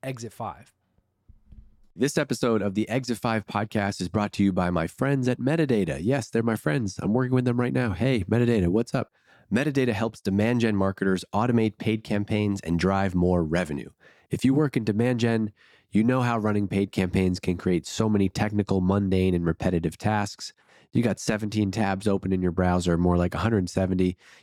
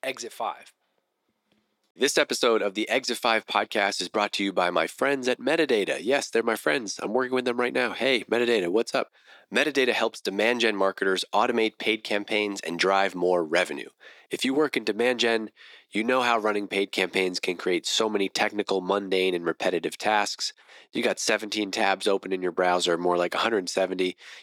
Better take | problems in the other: first | thin; somewhat; fading below 350 Hz

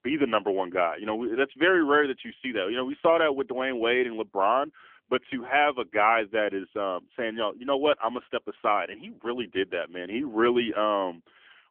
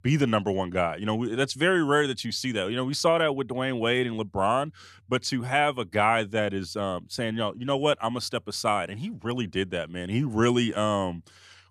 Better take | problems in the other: second | phone-call audio; nothing above 3.5 kHz

